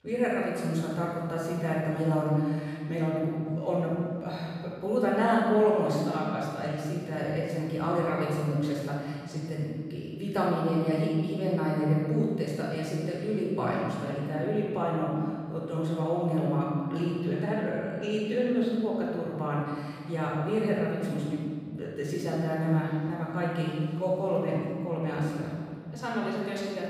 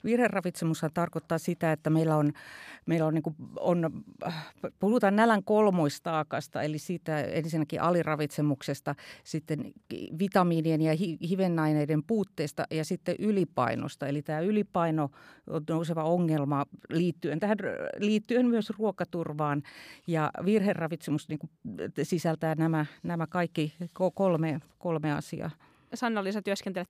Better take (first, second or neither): second